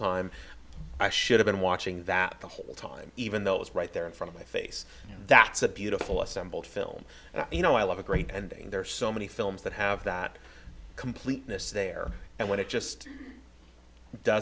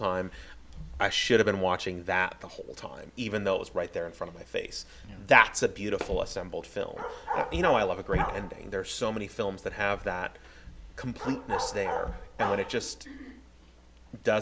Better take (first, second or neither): first